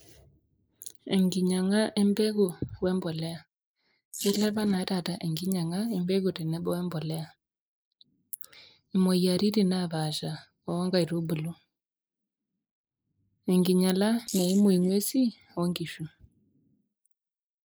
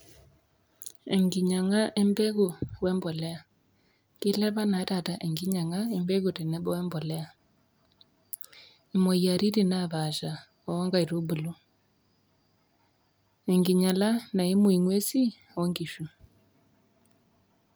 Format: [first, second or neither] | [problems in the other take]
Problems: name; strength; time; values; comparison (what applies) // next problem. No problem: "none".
second | noise reduction (neural mask model Resemble Enhance denoiser)